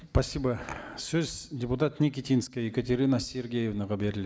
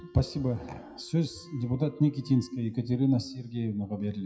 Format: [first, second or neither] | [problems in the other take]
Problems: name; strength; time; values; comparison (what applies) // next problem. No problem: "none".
first | noise reduction (classical method WPE with log-MMSE)